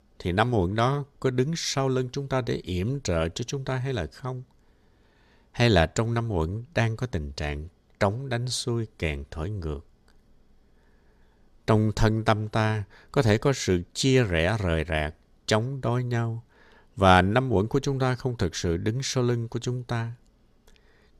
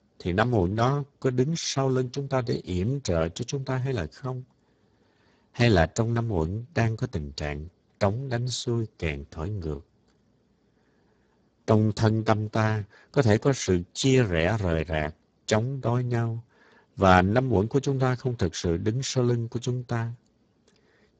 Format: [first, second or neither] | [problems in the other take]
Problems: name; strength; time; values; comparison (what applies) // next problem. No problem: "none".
first | garbled, watery; badly; nothing above 7.5 kHz